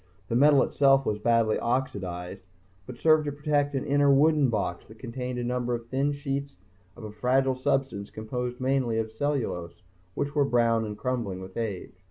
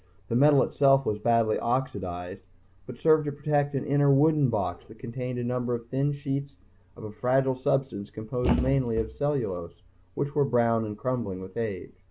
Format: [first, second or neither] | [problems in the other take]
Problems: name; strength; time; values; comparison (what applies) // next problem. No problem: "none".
first | background sound (Thump, thud); 3 dB below the speech